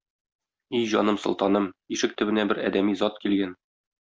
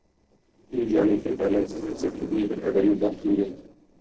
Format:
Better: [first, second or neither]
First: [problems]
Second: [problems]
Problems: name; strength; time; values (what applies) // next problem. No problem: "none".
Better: first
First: none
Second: noise reduction (neural separator model SepFormer DNS4)